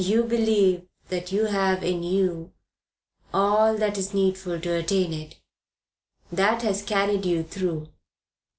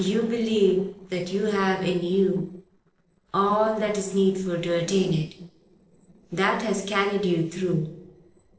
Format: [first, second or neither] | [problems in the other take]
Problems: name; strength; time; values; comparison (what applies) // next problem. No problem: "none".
first | noise reduction (neural separator model SepFormer DNS4)